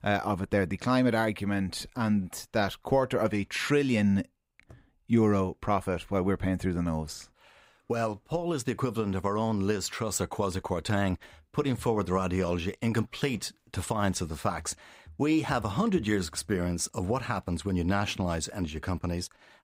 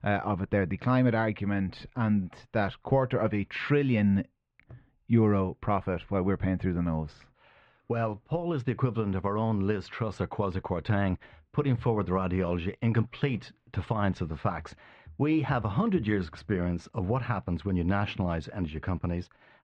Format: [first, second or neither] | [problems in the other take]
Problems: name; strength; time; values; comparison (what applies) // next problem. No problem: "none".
first | muffled; very; fading above 3 kHz